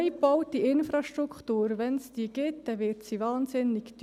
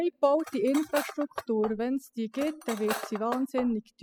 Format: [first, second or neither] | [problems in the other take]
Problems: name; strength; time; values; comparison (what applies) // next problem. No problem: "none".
first | noise reduction (classical method spectral subtraction)